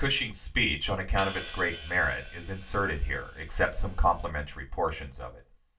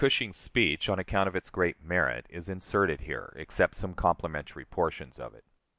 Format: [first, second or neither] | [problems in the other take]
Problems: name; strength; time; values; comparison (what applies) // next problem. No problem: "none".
second | background sound (Hi-hat); 16 dB below the speech // room echo; dies away in 0.2 s